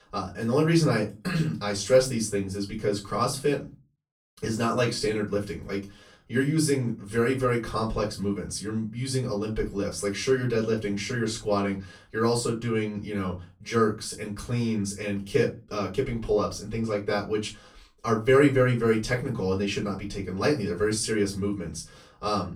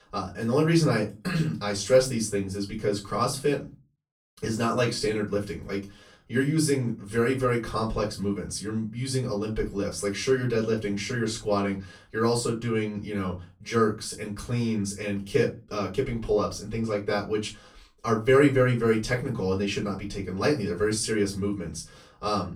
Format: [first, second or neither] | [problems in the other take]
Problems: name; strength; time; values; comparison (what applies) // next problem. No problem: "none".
neither | off-mic speech; far; the same in both // room echo; slight; dies away in 0.3 s; the same in both